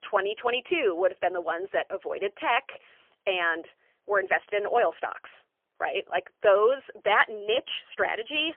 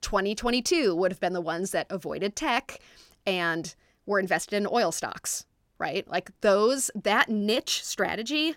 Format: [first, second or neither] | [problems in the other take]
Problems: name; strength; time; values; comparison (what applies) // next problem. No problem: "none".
second | phone-call audio; poor line; nothing above 3.5 kHz